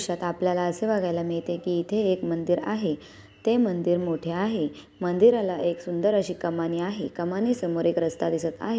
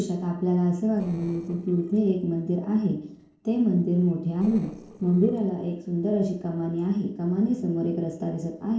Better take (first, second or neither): first